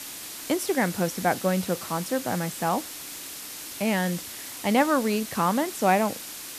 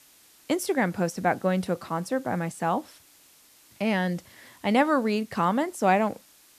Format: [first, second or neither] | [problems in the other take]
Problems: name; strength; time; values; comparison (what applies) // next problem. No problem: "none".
second | hiss; loud; throughout; 9 dB below the speech; faint in the second